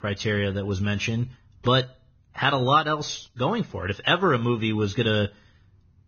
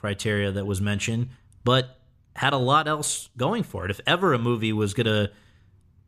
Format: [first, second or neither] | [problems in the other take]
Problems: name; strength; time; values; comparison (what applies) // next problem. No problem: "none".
second | garbled, watery; badly; nothing above 6.5 kHz